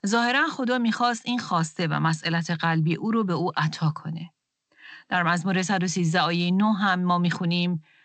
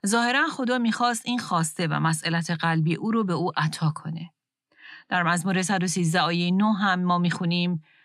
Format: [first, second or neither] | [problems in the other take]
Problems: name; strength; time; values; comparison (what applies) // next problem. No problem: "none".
second | garbled, watery; slightly; nothing above 8 kHz